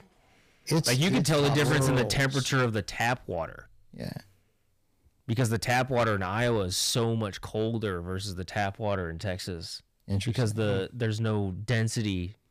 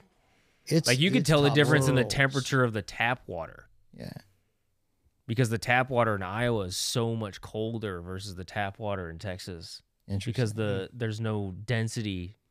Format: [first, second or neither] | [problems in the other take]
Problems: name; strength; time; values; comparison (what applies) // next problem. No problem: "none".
second | distortion; heavy; 7 dB below the speech